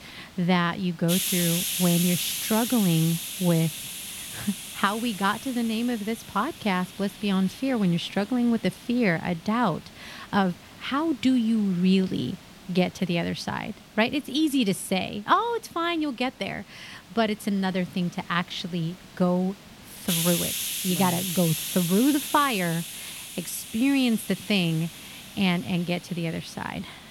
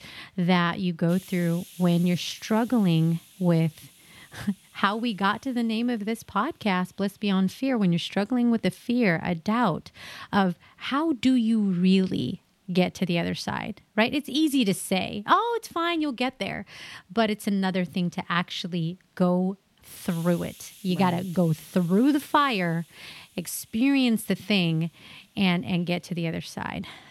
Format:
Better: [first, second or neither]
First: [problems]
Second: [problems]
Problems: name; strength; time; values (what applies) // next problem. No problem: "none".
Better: second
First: hiss; loud; throughout; 5 dB below the speech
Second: hiss; faint; throughout; 25 dB below the speech